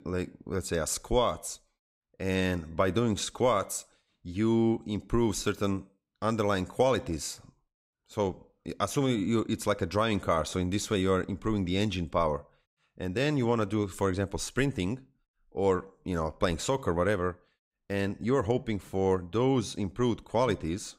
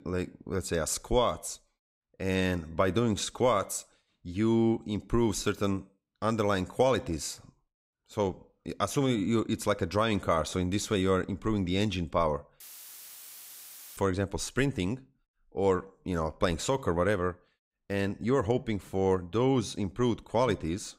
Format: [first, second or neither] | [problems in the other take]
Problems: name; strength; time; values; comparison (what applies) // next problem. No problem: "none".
first | audio cutting out; filled with static; at 13 s for 1.5 s